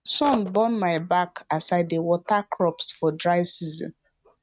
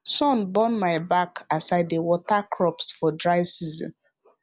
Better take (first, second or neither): second